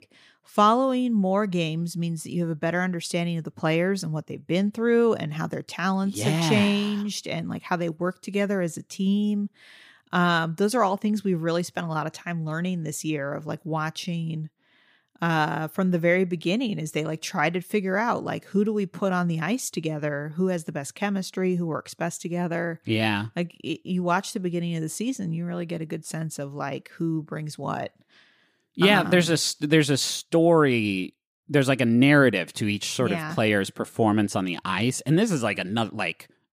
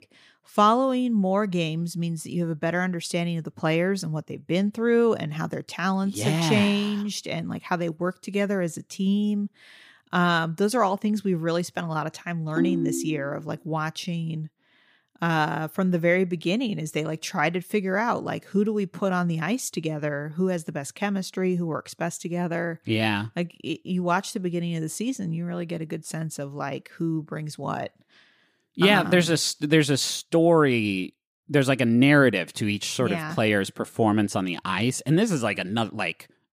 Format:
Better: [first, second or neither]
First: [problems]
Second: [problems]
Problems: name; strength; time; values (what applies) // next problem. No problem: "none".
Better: first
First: none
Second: phone ringing; loud; at 13 s; peak level with the speech